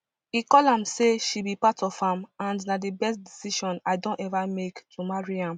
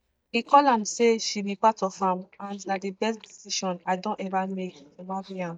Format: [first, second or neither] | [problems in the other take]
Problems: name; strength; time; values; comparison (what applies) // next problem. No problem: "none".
first | noise reduction (neural mask model DeepFilterNet 3)